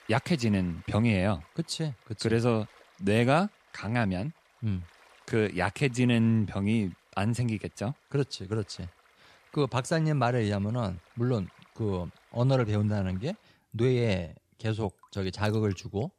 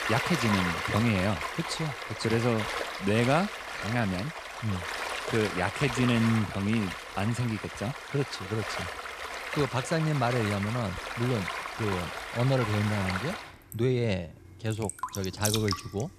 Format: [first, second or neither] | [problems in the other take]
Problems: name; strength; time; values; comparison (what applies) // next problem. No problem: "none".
first | rain or running water; loud; throughout; 4 dB below the speech; faint in the first